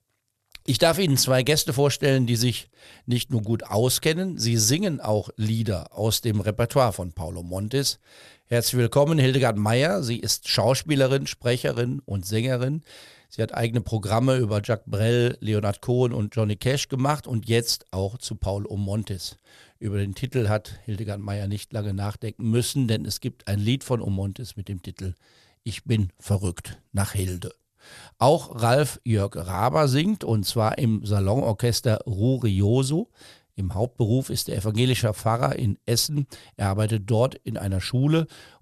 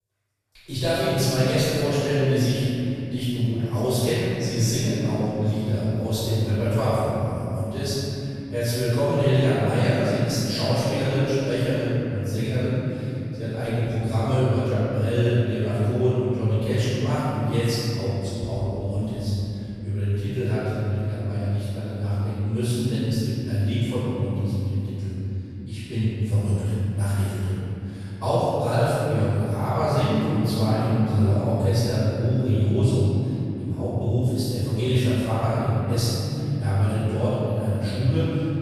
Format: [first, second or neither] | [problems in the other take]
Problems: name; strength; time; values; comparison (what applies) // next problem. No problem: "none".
first | off-mic speech; far // room echo; strong; dies away in 3 s